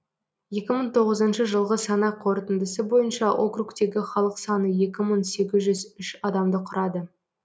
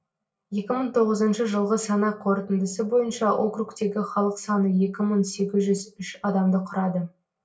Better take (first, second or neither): first